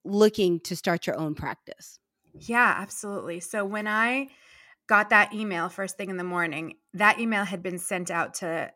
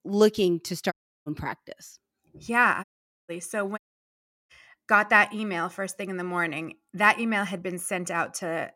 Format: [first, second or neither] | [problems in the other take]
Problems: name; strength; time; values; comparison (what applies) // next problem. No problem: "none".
first | audio cutting out; at 1 s, at 3 s and at 4 s for 0.5 s